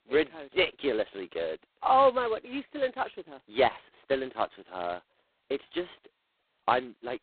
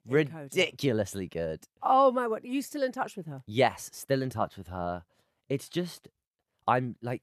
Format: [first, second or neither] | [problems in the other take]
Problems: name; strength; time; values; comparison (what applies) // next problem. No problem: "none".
second | phone-call audio; poor line; nothing above 4 kHz